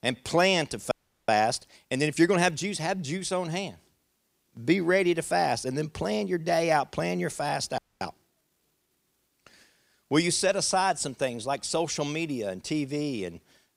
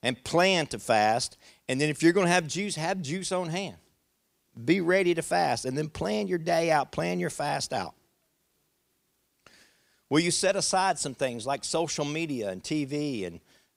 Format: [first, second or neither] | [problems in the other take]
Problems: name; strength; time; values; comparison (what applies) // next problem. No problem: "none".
second | audio freezing; at 1 s and at 8 s